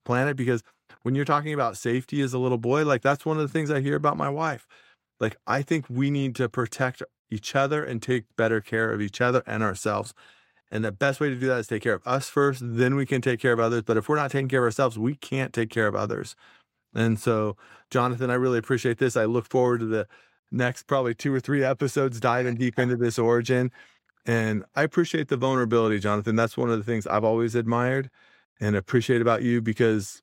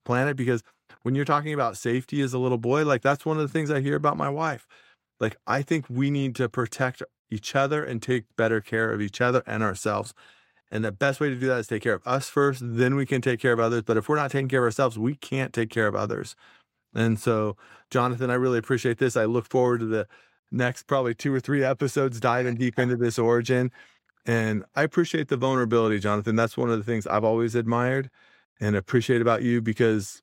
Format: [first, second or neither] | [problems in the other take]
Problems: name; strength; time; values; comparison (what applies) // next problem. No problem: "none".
neither | none